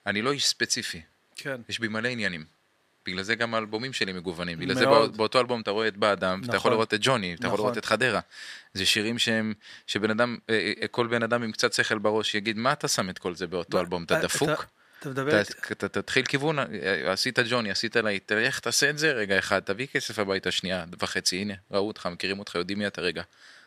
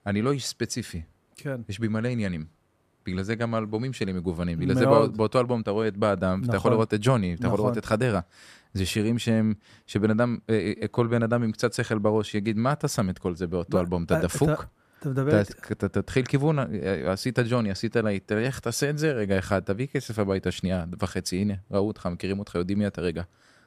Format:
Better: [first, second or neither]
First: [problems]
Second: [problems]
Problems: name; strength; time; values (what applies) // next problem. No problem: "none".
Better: second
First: thin; somewhat; fading below 850 Hz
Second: none